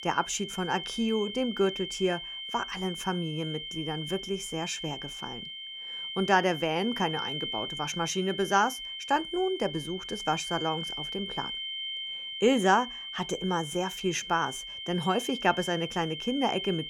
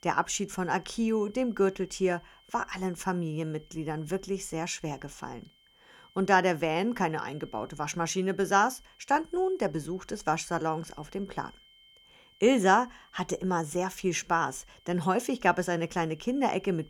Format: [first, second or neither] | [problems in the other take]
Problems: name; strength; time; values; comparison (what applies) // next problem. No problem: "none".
second | high-pitched whine; loud; throughout; 3 kHz, 6 dB below the speech; faint in the second